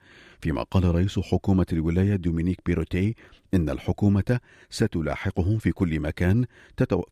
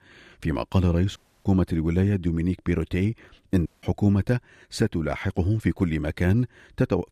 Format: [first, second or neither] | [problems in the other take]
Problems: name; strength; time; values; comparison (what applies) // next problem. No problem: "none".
first | audio cutting out; at 1 s and at 3.5 s